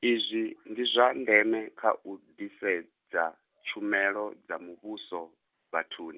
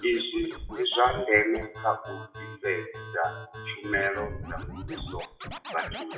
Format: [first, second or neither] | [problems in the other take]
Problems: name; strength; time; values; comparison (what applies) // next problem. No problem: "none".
first | noise reduction (classical method WPE with log-MMSE)